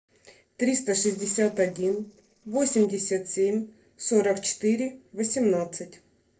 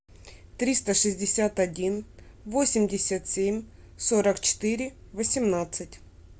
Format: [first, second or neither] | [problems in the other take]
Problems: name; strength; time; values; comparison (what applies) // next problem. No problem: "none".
second | noise reduction (neural separator model SepFormer DNS4)